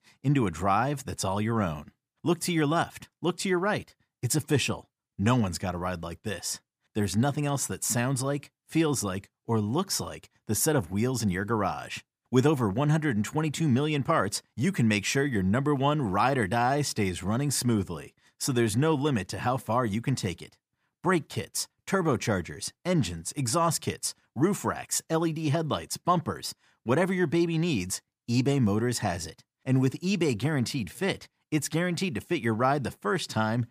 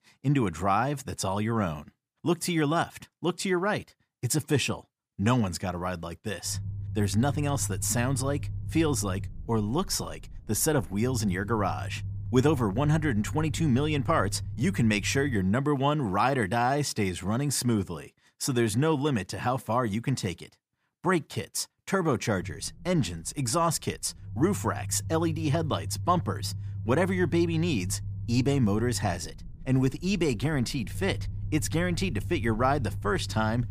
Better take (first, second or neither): first